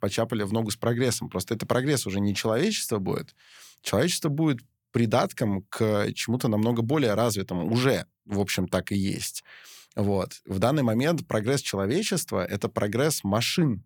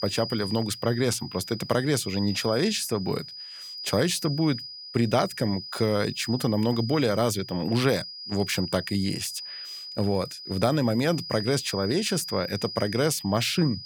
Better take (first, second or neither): first